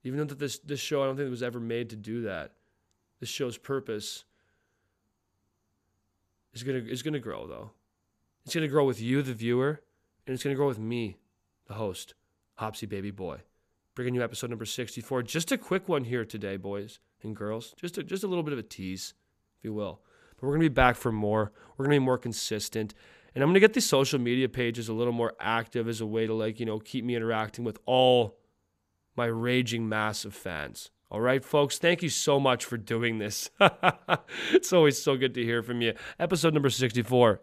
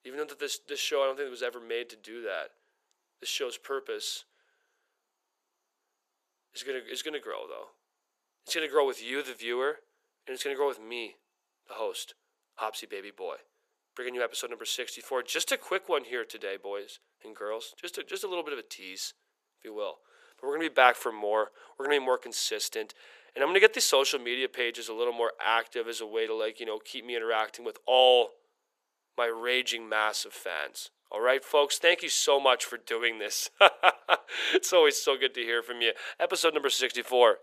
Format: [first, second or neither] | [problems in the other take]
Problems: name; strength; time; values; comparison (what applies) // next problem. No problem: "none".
first | thin; very; fading below 450 Hz